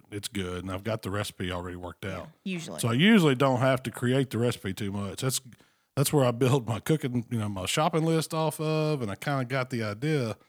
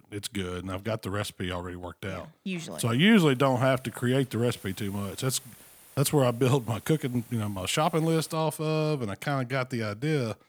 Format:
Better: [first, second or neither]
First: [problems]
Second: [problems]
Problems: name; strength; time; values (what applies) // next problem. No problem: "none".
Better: first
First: none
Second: hiss; faint; from 2.5 to 8.5 s; 25 dB below the speech